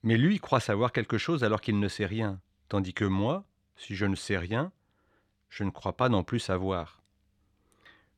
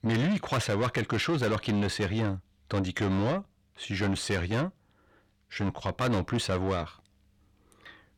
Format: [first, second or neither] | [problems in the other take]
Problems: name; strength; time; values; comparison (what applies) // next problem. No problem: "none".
first | distortion; heavy; 7 dB below the speech